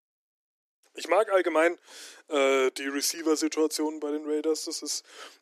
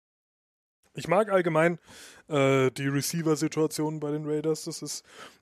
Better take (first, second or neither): second